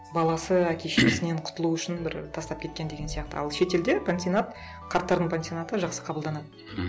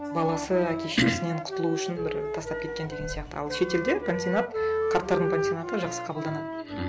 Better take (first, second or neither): first